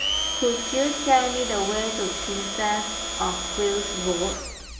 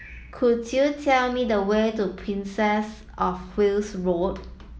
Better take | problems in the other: second | background sound (Domestic sounds, home sounds); 3 dB below the speech // room echo; dies away in 0.8 s

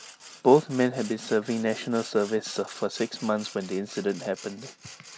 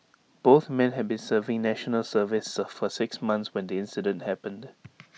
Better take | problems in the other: second | background sound (Sawing); 18 dB below the speech

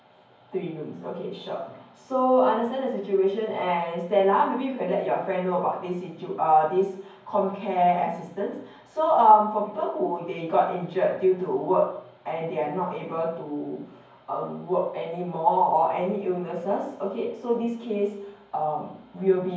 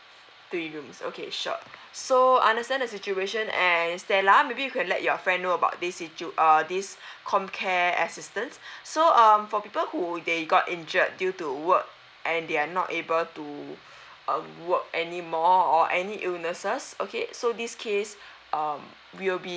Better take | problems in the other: second | room echo; dies away in 0.9 s

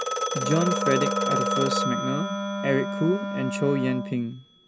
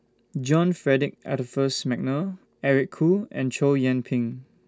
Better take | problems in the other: second | background sound (Wind instrument, woodwind instrument + Telephone); as loud as the speech

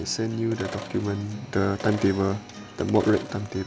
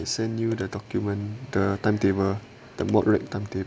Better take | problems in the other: second | background sound (Sink (filling or washing) + Acoustic guitar); 13 dB below the speech

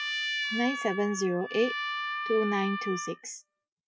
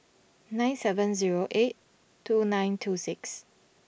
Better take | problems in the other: second | noise reduction (classical method Wiener filter)

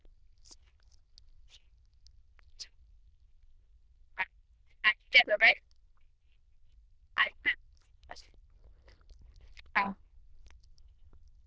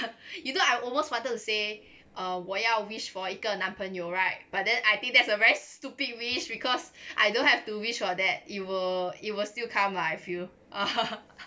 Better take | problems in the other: second | noise reduction (neural diffusion model UNIVERSE++)

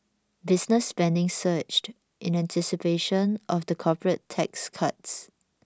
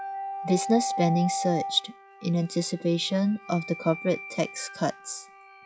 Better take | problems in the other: first | noise reduction (classical method log-MMSE)

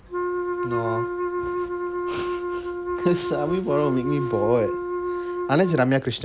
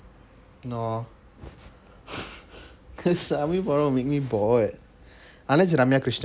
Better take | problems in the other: second | background sound (Wind instrument, woodwind instrument); 2 dB below the speech

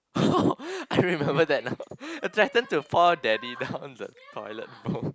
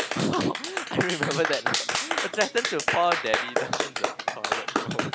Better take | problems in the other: first | background sound (Clapping); as loud as the speech

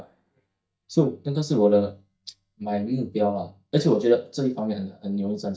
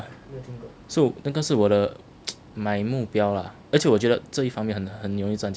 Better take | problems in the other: second | noise reduction (neural mask model DeepFilterNet 3)

